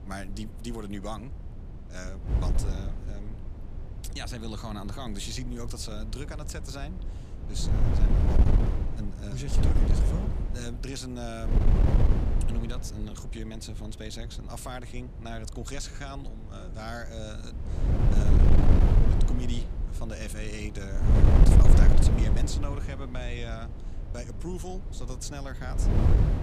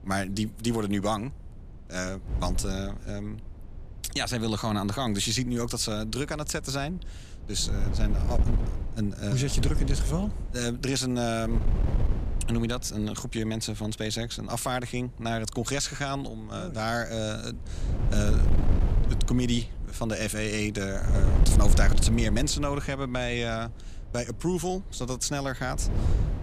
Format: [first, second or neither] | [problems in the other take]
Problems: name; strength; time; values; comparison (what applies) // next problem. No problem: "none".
second | wind noise on the microphone; heavy; 3 dB above the speech; occasional gusts in the second